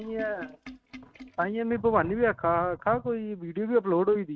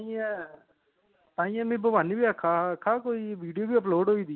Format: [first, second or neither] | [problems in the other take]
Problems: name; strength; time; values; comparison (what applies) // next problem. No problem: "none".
second | noise reduction (neural mask model RNNoise)